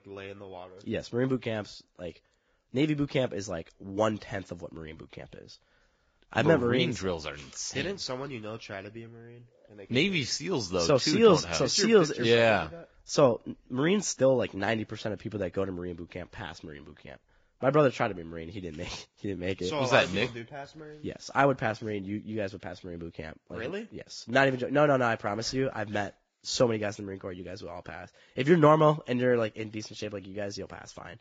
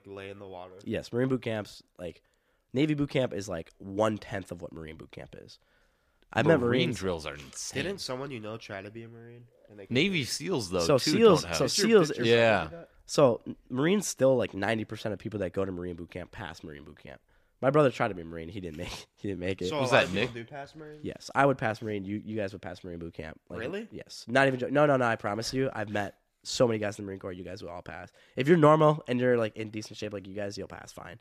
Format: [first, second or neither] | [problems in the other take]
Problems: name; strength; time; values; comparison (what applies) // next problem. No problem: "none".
second | garbled, watery; badly; nothing above 7.5 kHz